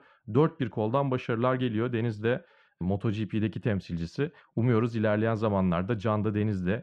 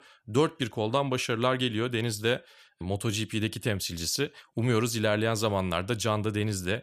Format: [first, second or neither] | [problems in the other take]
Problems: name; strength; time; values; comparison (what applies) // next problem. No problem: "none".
second | muffled; very; fading above 1.5 kHz